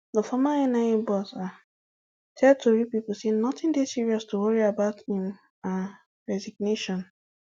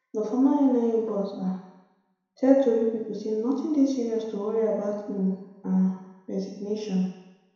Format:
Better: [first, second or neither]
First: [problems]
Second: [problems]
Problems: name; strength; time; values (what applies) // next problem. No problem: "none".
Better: first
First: none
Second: room echo; dies away in 1 s